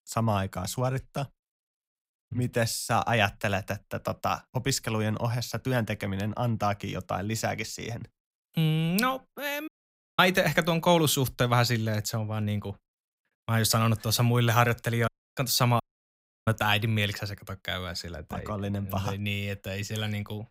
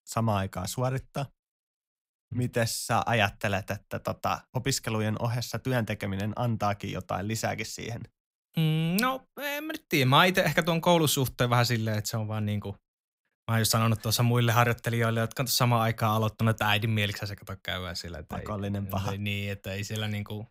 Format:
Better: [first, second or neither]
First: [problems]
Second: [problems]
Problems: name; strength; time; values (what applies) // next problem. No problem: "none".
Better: second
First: audio cutting out; at 9.5 s for 0.5 s, at 15 s and at 16 s for 0.5 s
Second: none